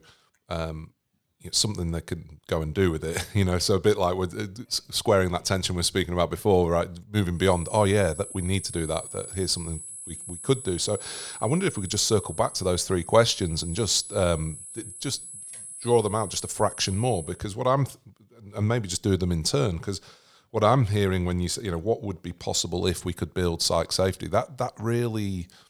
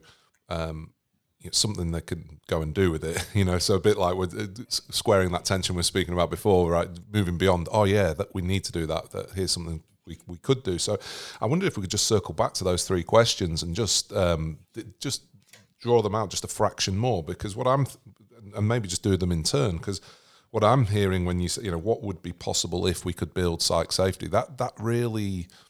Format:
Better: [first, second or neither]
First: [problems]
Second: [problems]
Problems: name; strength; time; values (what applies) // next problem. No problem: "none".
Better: second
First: high-pitched whine; noticeable; from 7.5 to 17 s; 10.5 kHz, 10 dB below the speech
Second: none